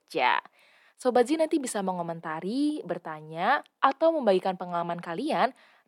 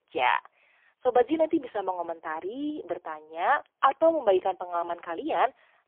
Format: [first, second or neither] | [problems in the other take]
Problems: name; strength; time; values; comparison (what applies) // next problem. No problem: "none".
first | phone-call audio; poor line; nothing above 3.5 kHz